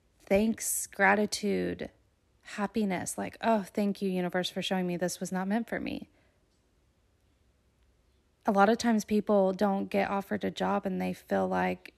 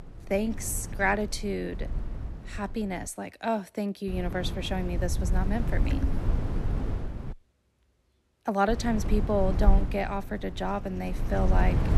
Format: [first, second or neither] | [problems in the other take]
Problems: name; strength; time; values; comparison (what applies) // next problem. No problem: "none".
first | wind noise on the microphone; occasional gusts; until 3 s, from 4 to 7.5 s and from 8.5 s on; 10 dB below the speech